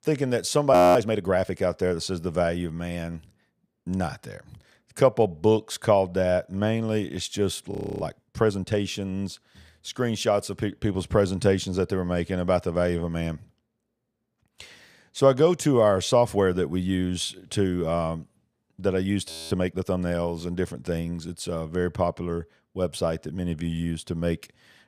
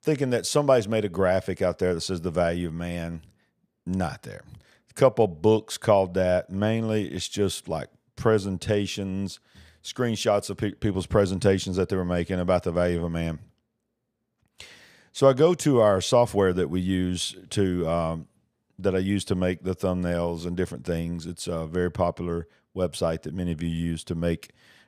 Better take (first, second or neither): second